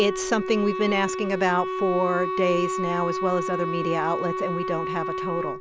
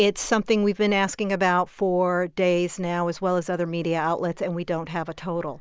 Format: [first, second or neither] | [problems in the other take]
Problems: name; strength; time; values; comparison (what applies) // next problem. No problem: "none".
second | background sound (Wind instrument, woodwind instrument); 3 dB below the speech